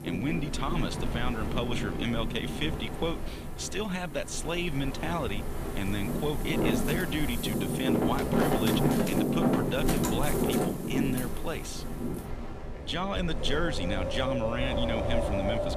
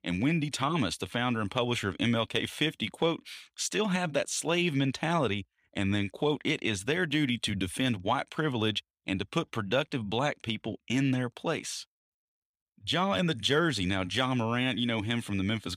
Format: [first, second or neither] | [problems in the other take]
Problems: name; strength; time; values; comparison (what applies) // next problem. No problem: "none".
second | wind in the background; very loud; throughout; 2 dB above the speech